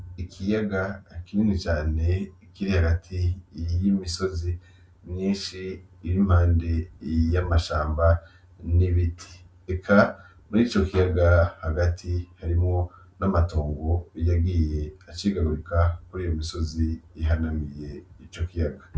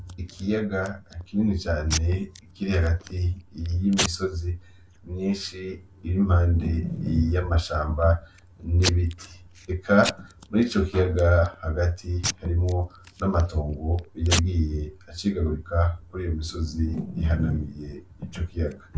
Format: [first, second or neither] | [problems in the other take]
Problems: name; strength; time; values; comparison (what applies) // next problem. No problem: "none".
first | background sound (Packing tape, duct tape / Tearing); 11 dB below the speech